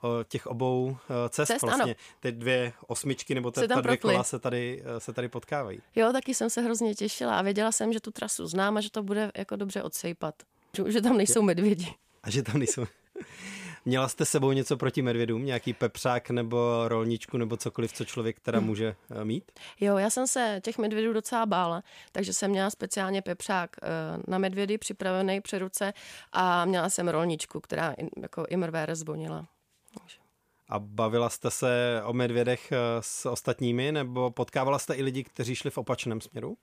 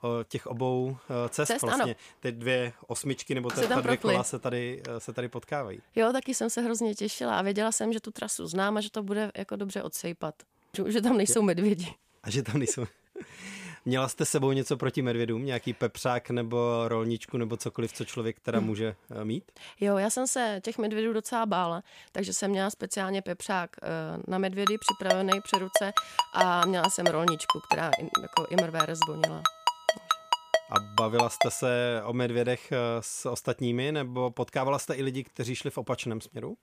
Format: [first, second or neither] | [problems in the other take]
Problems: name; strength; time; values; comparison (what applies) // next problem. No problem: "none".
first | door banging; noticeable; from 1 to 5 s; peak 7 dB below the speech // phone ringing; loud; from 25 to 31 s; peak 2 dB above the speech